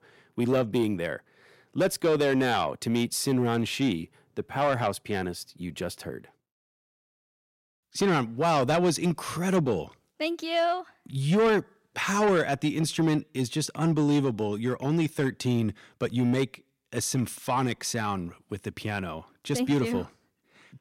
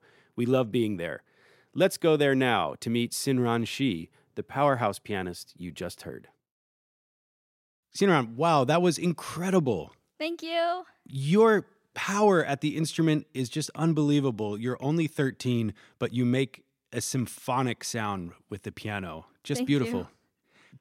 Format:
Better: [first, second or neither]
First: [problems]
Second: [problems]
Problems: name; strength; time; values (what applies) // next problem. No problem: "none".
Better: second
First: distortion; slight; 10 dB below the speech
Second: none